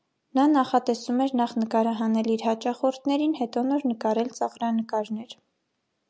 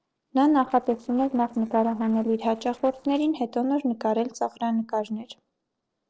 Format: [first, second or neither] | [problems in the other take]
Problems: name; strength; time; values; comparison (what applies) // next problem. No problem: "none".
first | noise reduction (neural separator model SepFormer DNS4)